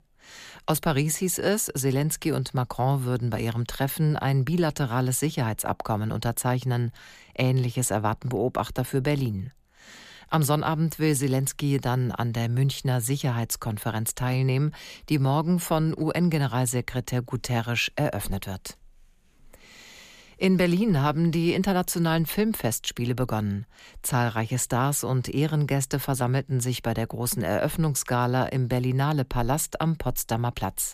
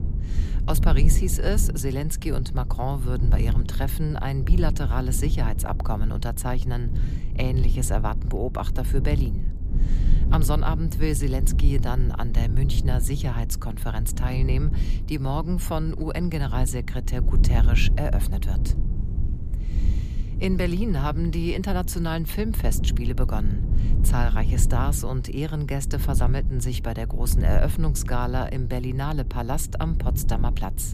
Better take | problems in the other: first | low rumble; noticeable; throughout; 10 dB below the speech

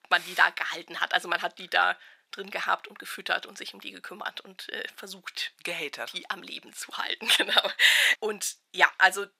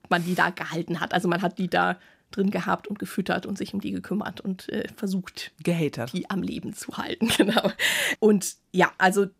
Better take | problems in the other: second | thin; very; fading below 700 Hz

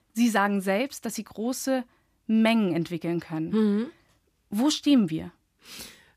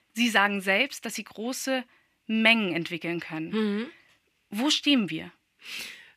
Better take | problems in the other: first | thin; very slightly; fading below 350 Hz

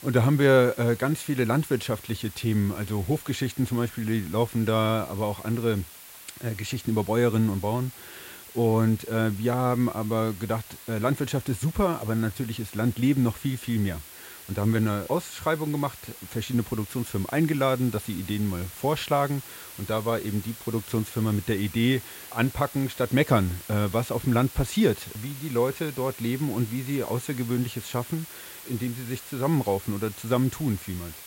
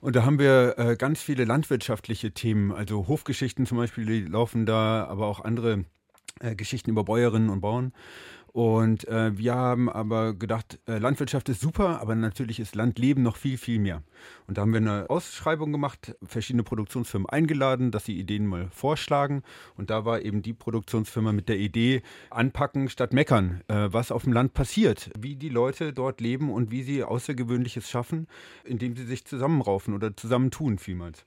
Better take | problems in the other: second | hiss; noticeable; throughout; 15 dB below the speech

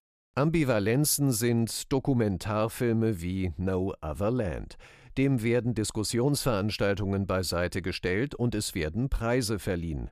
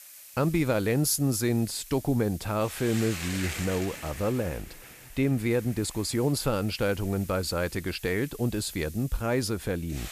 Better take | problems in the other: first | hiss; noticeable; throughout; 15 dB below the speech

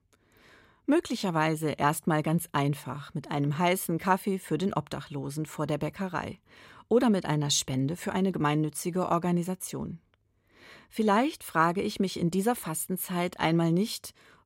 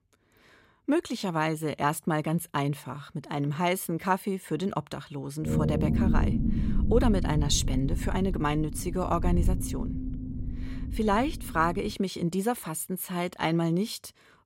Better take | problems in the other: first | low rumble; loud; from 5.5 to 12 s; 9 dB below the speech

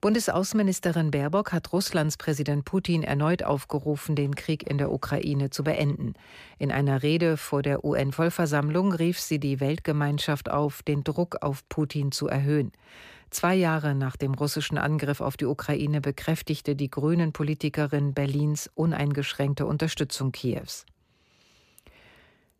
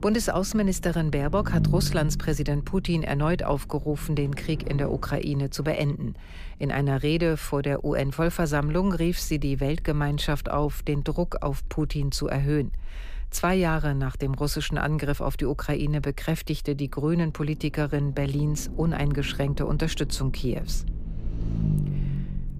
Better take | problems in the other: first | low rumble; noticeable; throughout; 15 dB below the speech

